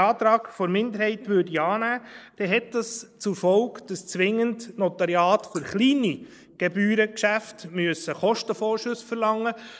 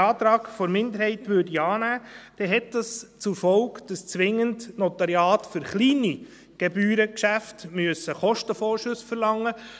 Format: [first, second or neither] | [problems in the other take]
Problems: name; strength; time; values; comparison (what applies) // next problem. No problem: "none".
second | noise reduction (neural mask model Resemble Enhance denoiser)